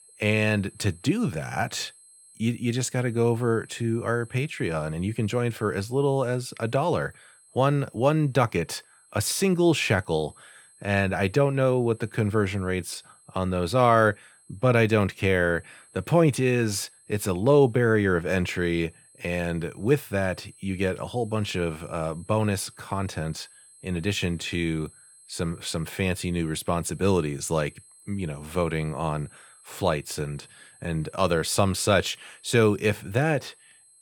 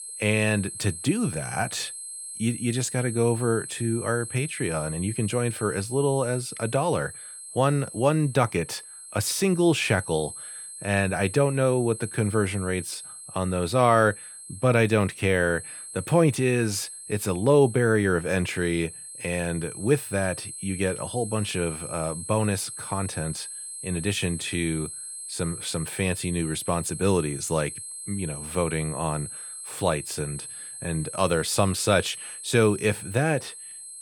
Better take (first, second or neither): first